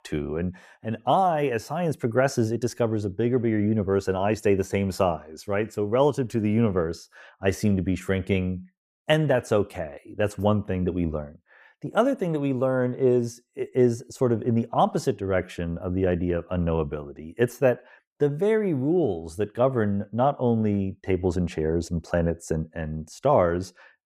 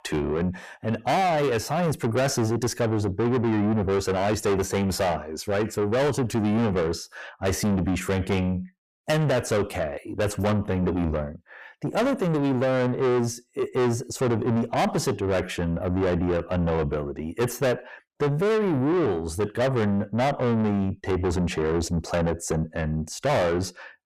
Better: first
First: none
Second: distortion; heavy; 6 dB below the speech

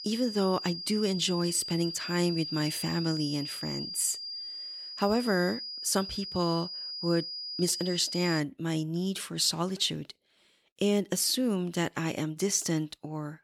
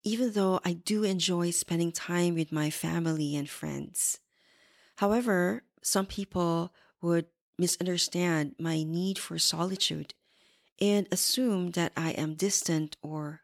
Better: second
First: high-pitched whine; loud; until 8.5 s; 5 kHz, 6 dB below the speech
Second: none

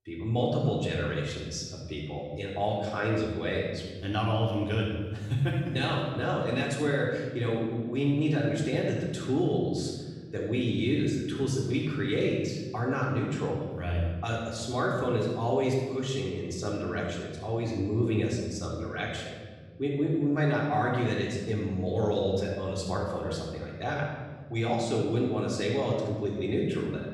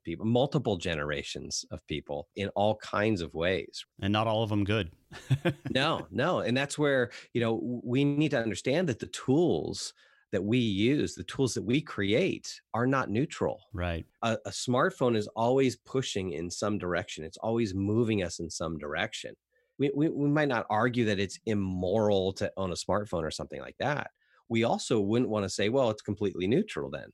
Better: second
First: off-mic speech; far // room echo; noticeable; dies away in 1.8 s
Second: none

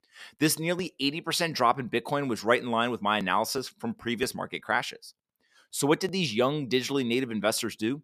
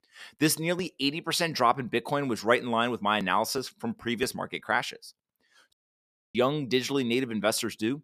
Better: first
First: none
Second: audio cutting out; at 5.5 s for 0.5 s

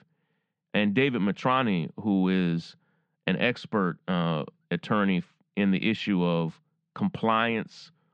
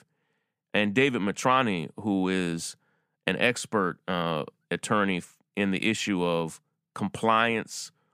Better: second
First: muffled; slightly; fading above 4 kHz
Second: none

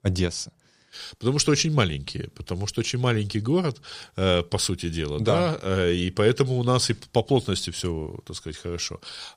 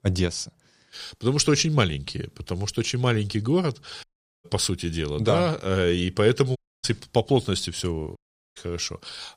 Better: first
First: none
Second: audio cutting out; at 4 s, at 6.5 s and at 8 s

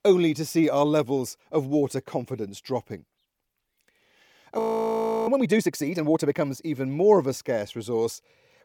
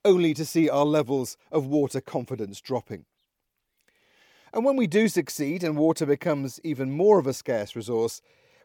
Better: second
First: audio freezing; at 4.5 s for 0.5 s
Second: none

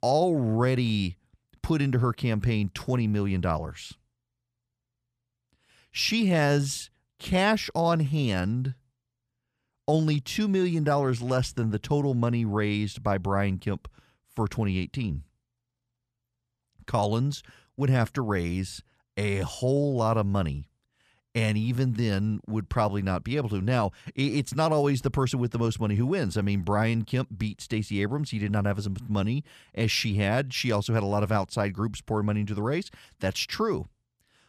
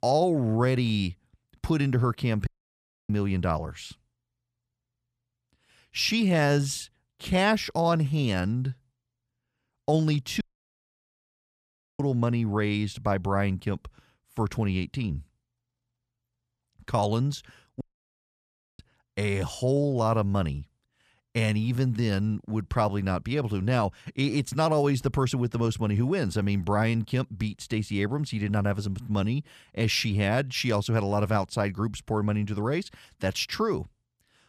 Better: first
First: none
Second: audio cutting out; at 2.5 s for 0.5 s, at 10 s for 1.5 s and at 18 s for 1 s

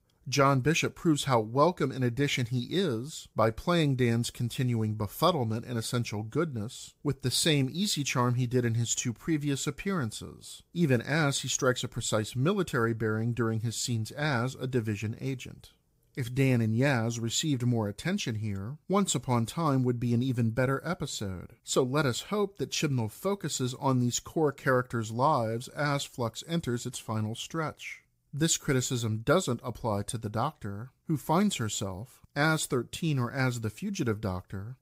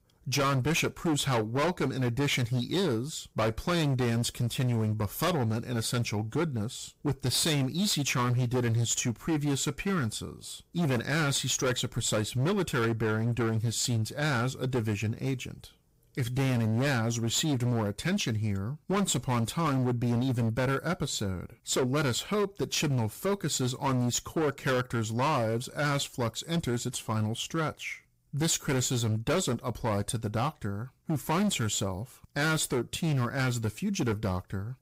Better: first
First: none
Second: distortion; heavy; 16% of the sound clipped

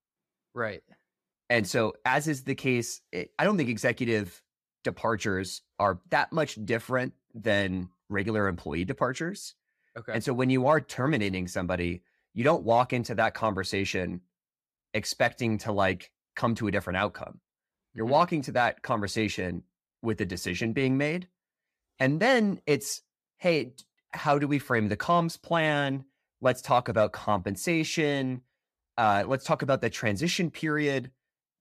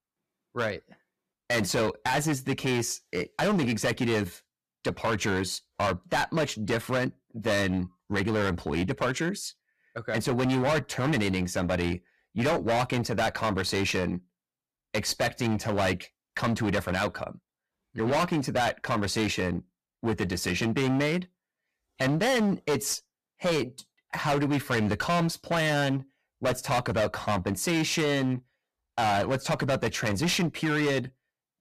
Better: first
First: none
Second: distortion; heavy; 17% of the sound clipped

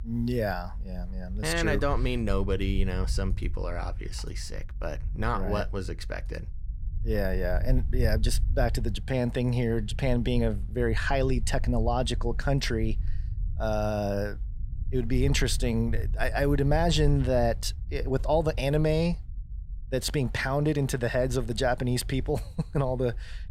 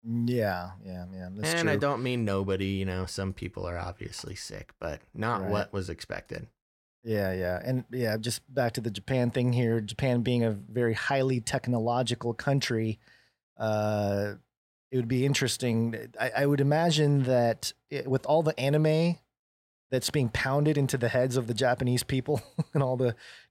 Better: second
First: low rumble; faint; throughout; 25 dB below the speech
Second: none

